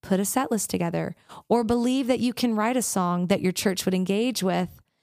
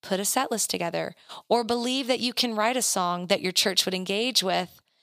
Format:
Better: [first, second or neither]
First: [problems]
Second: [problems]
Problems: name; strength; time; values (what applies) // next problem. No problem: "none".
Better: first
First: none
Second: thin; somewhat; fading below 950 Hz